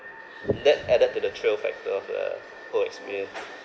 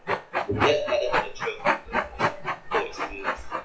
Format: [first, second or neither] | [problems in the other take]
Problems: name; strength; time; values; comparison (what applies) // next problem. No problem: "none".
first | noise reduction (classical method WPE with log-MMSE)